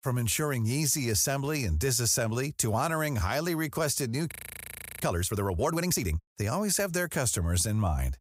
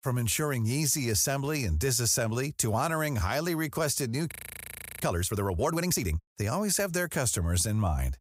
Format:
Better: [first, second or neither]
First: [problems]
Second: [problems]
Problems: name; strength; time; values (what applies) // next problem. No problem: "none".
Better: neither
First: audio freezing; at 4.5 s for 0.5 s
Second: audio freezing; at 4.5 s for 0.5 s